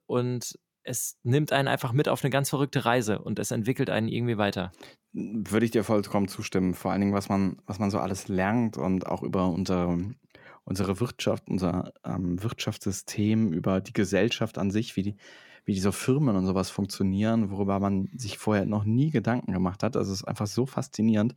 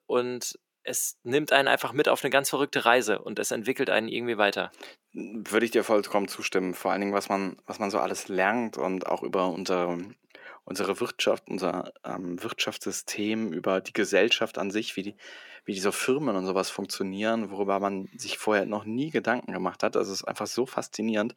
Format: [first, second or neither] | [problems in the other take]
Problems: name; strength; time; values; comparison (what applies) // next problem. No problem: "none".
first | thin; somewhat; fading below 400 Hz